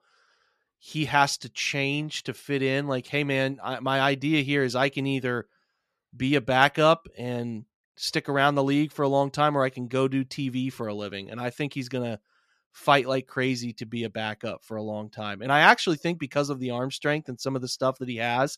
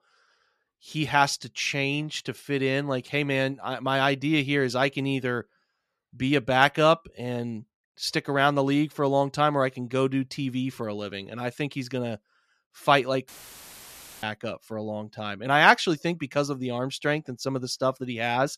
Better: first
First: none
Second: audio cutting out; filled with static; at 13 s for 1 s

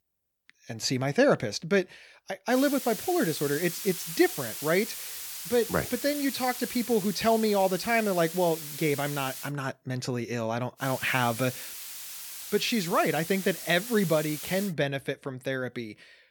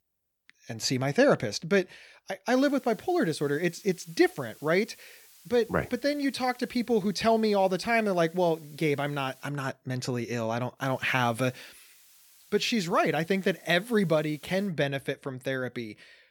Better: second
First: hiss; loud; from 2.5 to 9.5 s and from 11 to 15 s; 8 dB below the speech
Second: hiss; faint; from 2.5 to 9.5 s and from 11 to 15 s; 25 dB below the speech

